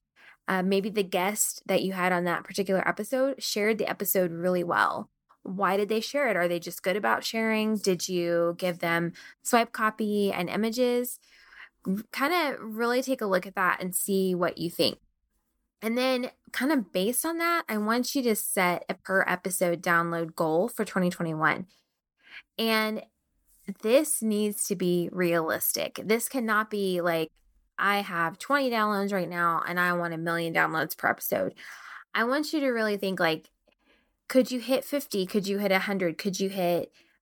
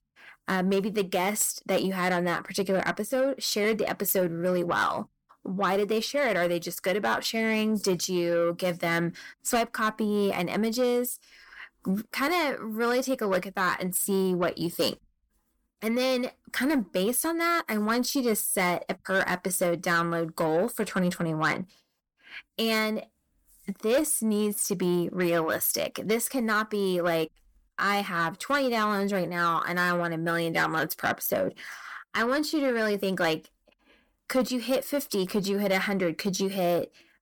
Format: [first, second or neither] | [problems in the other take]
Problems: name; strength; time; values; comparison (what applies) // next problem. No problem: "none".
first | distortion; slight; 10 dB below the speech